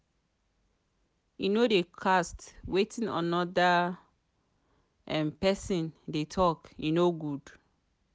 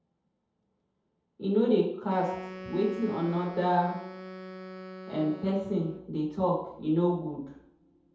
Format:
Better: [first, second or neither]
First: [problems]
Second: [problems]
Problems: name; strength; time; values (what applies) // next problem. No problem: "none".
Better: first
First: none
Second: background sound (Wind instrument, woodwind instrument); 15 dB below the speech // room echo; dies away in 0.8 s